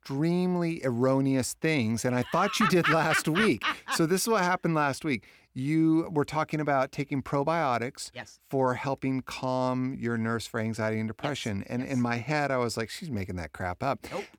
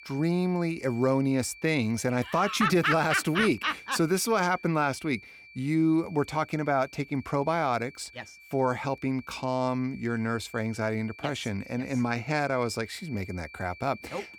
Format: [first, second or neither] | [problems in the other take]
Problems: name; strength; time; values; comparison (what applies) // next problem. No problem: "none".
first | high-pitched whine; noticeable; throughout; 2.5 kHz, 20 dB below the speech